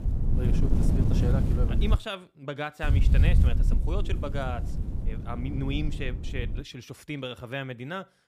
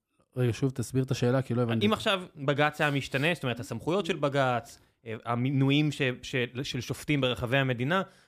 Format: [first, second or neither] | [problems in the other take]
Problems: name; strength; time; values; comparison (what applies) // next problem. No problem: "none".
second | wind noise on the microphone; heavy; until 2 s and from 3 to 6.5 s; 4 dB below the speech